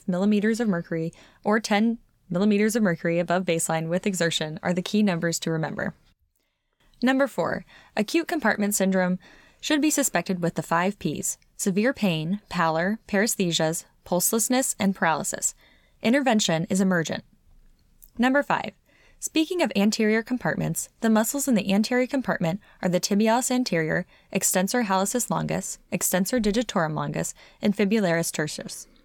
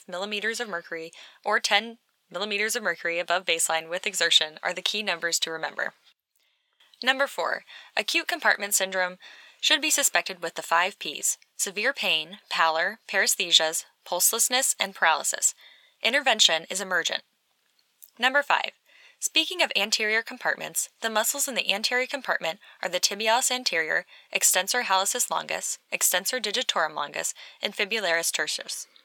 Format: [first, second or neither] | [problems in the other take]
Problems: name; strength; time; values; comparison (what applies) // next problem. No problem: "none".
first | thin; very; fading below 700 Hz